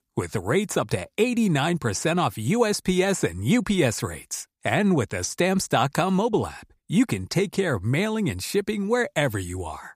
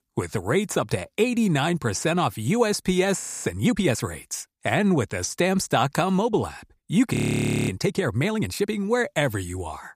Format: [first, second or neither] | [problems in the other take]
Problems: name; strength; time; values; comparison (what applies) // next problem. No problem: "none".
first | audio freezing; at 3 s and at 7 s for 0.5 s